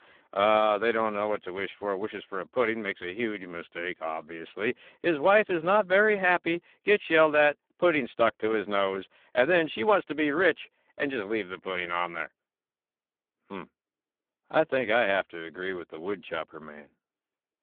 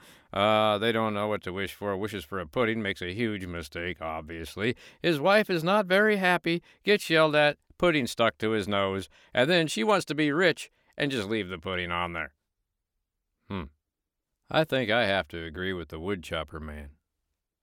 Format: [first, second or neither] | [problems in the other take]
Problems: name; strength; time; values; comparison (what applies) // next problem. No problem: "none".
second | phone-call audio; poor line